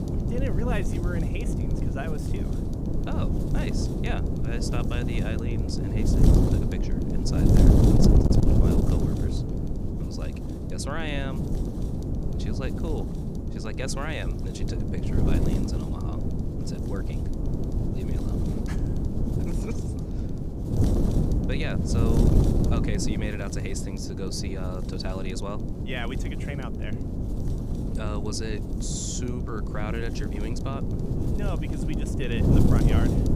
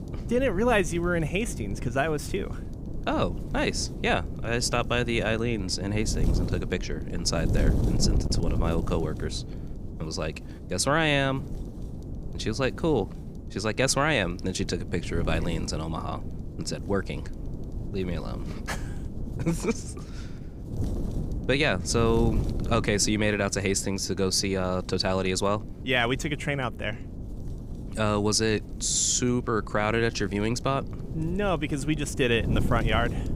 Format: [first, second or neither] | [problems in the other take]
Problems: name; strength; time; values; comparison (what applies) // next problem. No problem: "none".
second | wind noise on the microphone; heavy; 2 dB above the speech; occasional gusts in the second